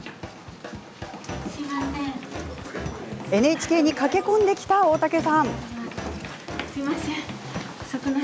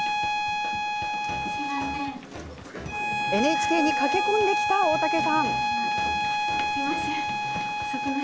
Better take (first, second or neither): first